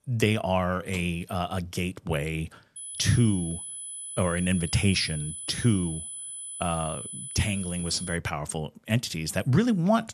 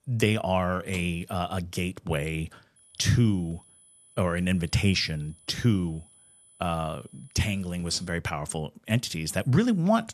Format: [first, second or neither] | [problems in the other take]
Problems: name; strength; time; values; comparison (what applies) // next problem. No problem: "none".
second | high-pitched whine; loud; from 3 to 8 s; 10 kHz, 8 dB below the speech; faint in the second